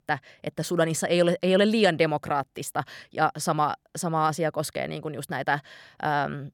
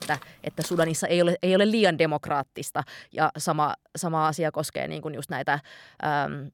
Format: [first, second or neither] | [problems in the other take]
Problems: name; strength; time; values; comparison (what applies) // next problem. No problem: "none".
first | footsteps; faint; at the start; peak 15 dB below the speech